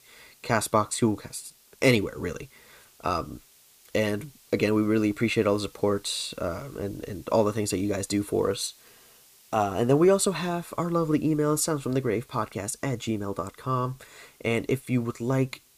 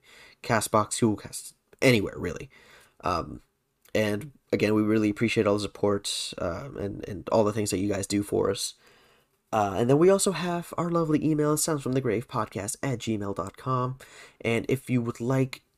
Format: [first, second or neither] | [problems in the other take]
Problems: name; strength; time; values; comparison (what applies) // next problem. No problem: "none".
second | hiss; faint; throughout; 30 dB below the speech